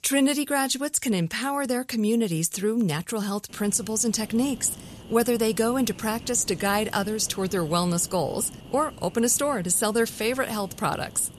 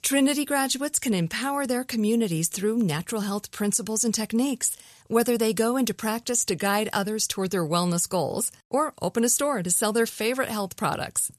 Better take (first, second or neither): second